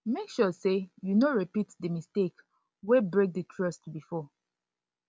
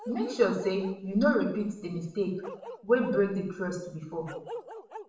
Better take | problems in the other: first | background sound (Bark); 15 dB below the speech // room echo; dies away in 0.6 s

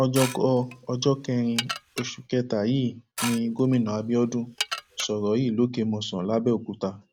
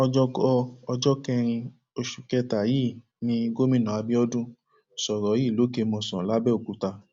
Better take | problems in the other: second | background sound (Dishes, pots, and pans / Glass); 11 dB below the speech

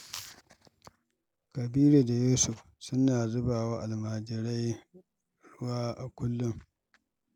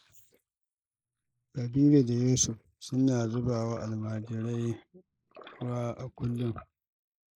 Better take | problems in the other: first | noise reduction (neural mask model Resemble Enhance denoiser)

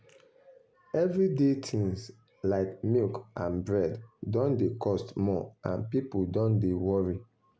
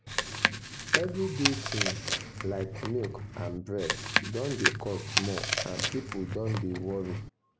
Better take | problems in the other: first | background sound (Chewing, mastication); 2 dB above the speech

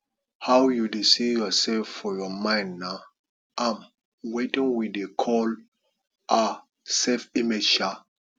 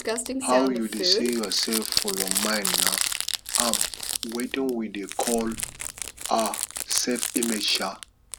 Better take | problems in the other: first | background sound (Crumpling, crinkling); 1 dB below the speech

